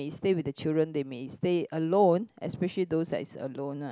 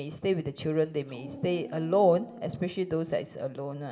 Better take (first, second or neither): first